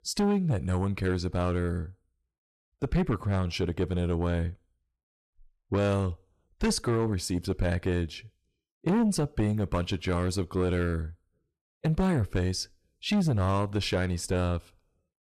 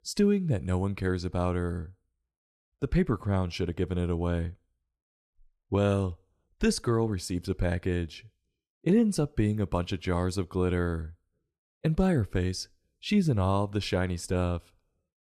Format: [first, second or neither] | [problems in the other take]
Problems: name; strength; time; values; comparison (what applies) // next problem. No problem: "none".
second | distortion; slight; 9 dB below the speech